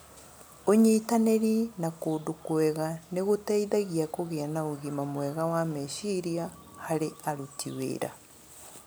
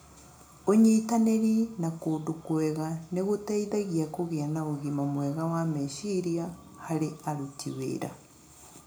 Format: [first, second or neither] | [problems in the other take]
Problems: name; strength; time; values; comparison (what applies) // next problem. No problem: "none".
first | room echo; dies away in 0.4 s